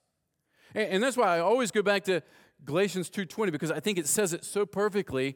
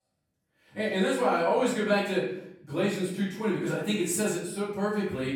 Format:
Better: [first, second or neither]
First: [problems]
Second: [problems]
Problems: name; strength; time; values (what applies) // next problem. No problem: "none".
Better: first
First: none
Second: off-mic speech; far // room echo; noticeable; dies away in 0.7 s